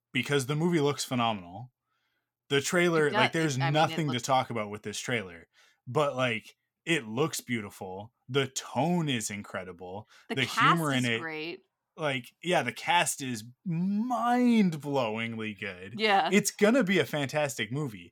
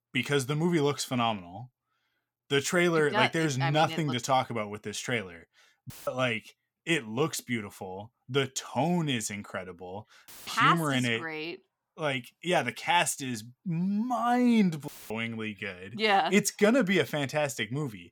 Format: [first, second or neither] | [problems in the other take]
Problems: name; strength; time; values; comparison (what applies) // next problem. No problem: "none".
first | audio cutting out; filled with static; at 6 s, at 10 s and at 15 s